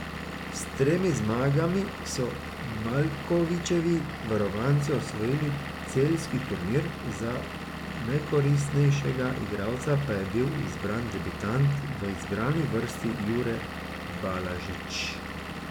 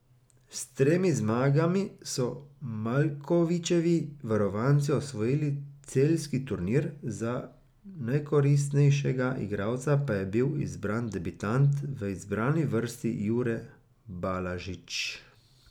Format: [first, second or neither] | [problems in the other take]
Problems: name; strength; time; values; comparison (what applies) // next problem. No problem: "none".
second | background sound (Engine / Vehicle); 8 dB below the speech